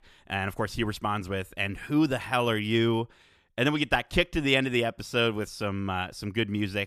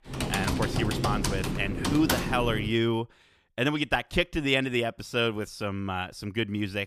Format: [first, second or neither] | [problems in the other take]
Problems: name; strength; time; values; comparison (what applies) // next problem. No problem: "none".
first | keyboard typing; loud; until 2.5 s; peak 1 dB above the speech